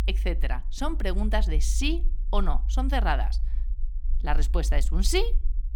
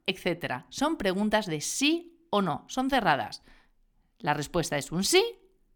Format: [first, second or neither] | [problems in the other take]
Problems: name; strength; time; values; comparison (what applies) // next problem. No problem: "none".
second | low rumble; faint; throughout; 20 dB below the speech